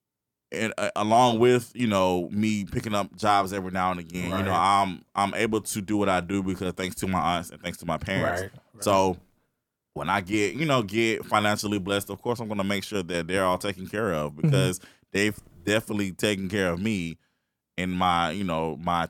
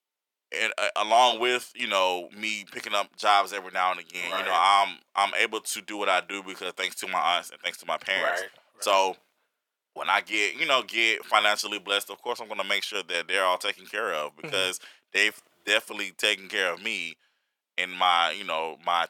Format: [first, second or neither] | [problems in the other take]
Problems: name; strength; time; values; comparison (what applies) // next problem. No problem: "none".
first | thin; very; fading below 600 Hz